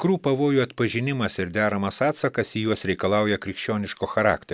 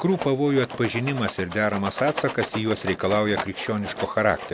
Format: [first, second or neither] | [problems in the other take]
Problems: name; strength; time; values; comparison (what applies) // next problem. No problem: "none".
first | background sound (Rattle); 11 dB below the speech